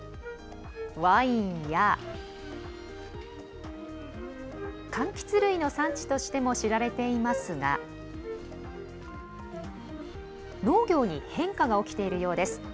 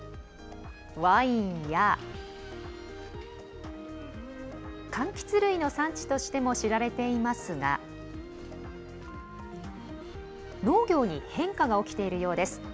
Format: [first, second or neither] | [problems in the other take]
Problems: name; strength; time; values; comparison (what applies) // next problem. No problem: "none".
second | background sound (Wind instrument, woodwind instrument); 14 dB below the speech